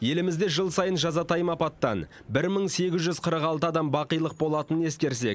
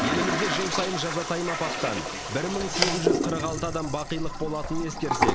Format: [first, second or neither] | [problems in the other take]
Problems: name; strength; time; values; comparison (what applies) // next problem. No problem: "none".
first | background sound (Toilet flush); 2 dB above the speech